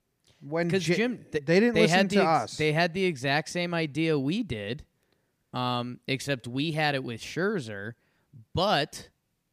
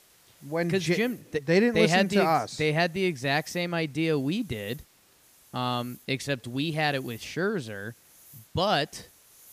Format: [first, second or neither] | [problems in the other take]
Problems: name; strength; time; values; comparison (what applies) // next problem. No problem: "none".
first | hiss; faint; throughout; 25 dB below the speech